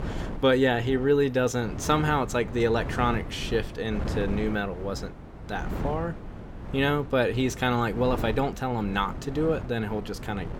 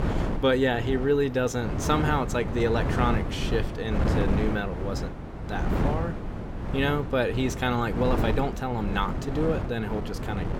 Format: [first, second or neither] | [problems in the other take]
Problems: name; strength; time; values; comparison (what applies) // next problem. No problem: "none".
first | wind noise on the microphone; heavy; 7 dB below the speech; occasional gusts in the first